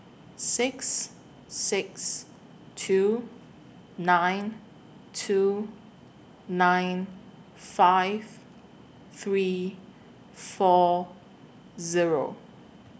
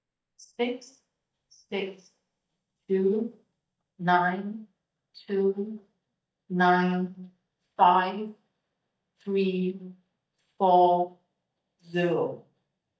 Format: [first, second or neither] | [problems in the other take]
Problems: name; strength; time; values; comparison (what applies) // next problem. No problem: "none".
first | noise reduction (neural mask model DeepFilterNet 3)